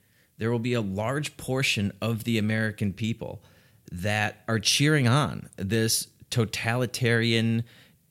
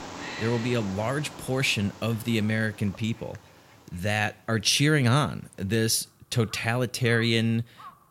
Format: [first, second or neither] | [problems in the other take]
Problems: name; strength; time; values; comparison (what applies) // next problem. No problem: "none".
first | animal sounds; noticeable; throughout; 15 dB below the speech